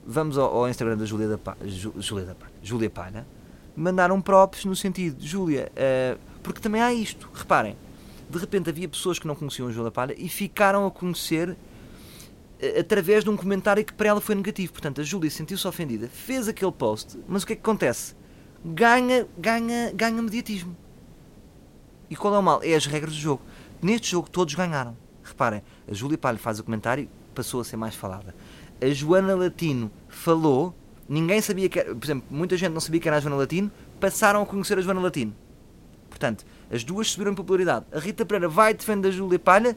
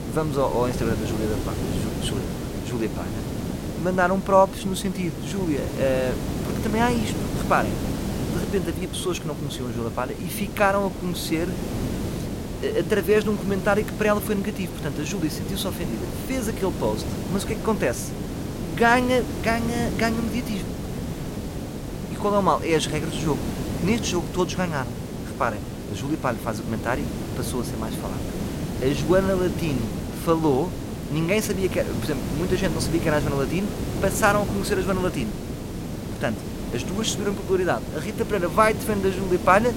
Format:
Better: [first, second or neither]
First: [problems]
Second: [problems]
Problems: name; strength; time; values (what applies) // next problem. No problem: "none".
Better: first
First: hiss; faint; throughout; 25 dB below the speech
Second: hiss; loud; throughout; 5 dB below the speech